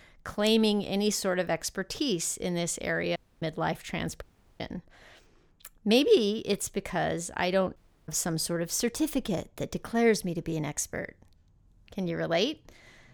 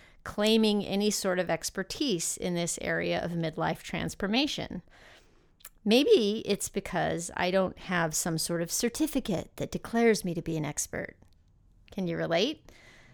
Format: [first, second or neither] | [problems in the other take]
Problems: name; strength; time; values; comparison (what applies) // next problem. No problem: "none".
second | audio cutting out; at 3 s, at 4 s and at 8 s